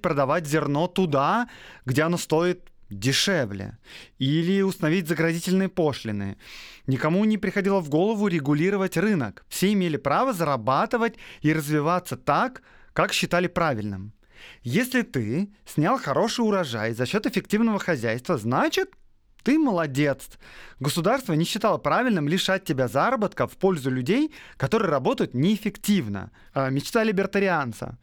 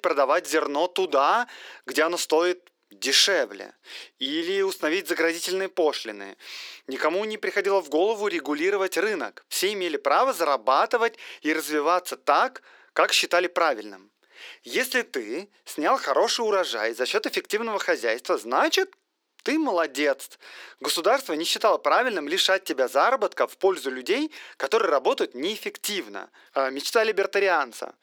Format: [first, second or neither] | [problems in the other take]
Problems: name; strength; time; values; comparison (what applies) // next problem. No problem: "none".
first | thin; very; fading below 350 Hz